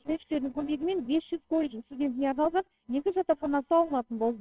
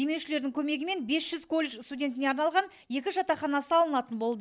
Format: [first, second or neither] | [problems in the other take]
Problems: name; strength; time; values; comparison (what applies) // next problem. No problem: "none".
second | noise reduction (neural separator model SepFormer WHAMR!)